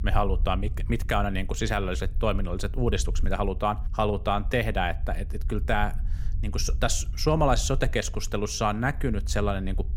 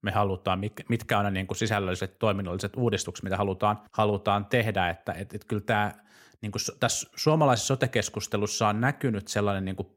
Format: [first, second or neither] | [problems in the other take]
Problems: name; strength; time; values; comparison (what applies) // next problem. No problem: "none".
second | low rumble; faint; throughout; 25 dB below the speech